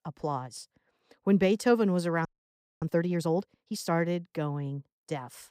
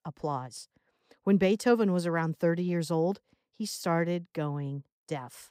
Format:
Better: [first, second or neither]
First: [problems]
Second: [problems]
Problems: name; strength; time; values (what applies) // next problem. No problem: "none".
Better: second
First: audio freezing; at 2.5 s for 0.5 s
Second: none